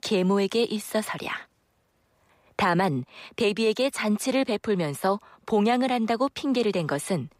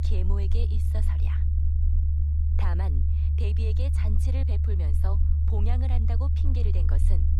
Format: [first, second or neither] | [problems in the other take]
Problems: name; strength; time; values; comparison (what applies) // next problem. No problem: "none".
first | low rumble; loud; throughout; as loud as the speech